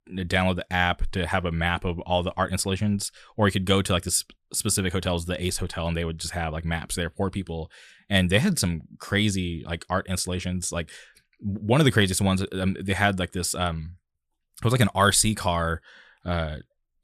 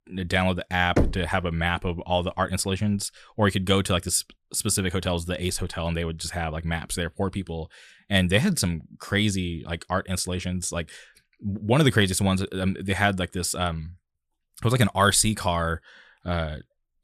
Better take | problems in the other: first | door banging; noticeable; at 1 s; peak 1 dB below the speech

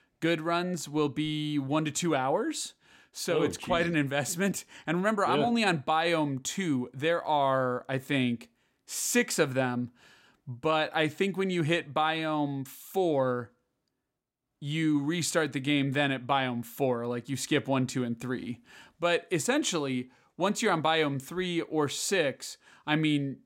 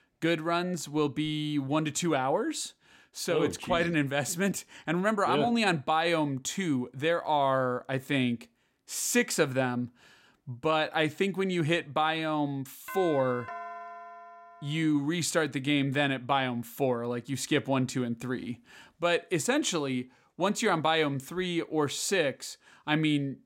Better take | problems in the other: first | doorbell; faint; from 13 to 15 s; peak 10 dB below the speech

